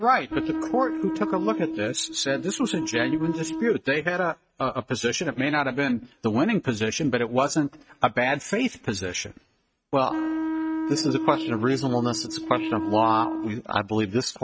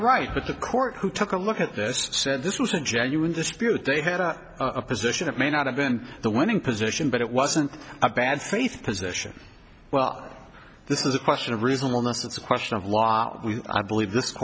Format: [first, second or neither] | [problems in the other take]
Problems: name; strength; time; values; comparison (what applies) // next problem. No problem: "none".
second | noise reduction (neural mask model RNNoise)